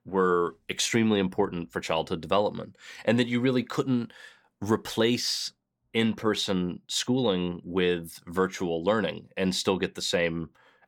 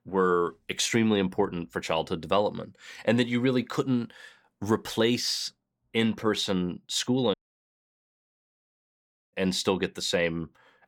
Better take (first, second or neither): first